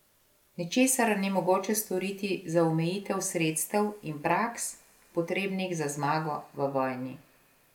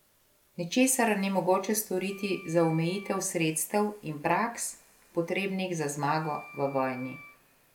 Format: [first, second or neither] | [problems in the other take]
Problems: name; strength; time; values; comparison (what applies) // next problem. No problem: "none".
first | background sound (Wind instrument, woodwind instrument); 19 dB below the speech